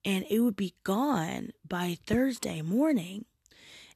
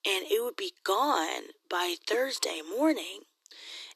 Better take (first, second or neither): first